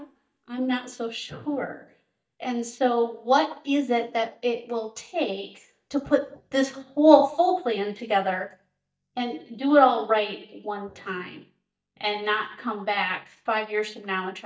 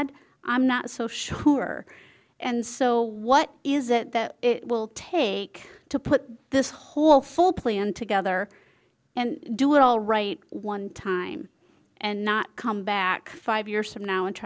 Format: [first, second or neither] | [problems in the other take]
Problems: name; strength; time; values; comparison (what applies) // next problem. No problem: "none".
second | noise reduction (neural mask model DeepFilterNet 3)